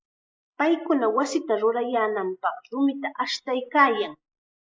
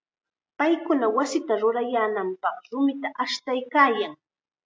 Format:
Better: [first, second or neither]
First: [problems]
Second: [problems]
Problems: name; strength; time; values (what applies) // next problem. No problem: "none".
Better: second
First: noise reduction (neural mask model Resemble Enhance denoiser)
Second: none